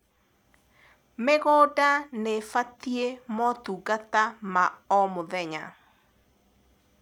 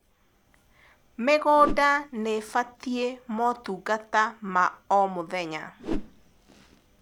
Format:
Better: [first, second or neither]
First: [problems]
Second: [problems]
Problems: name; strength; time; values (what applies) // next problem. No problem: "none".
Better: first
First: none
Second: background sound (Whoosh, swoosh, swish); 12 dB below the speech